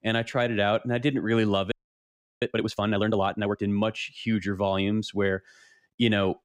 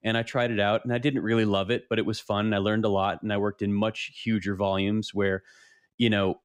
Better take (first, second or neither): second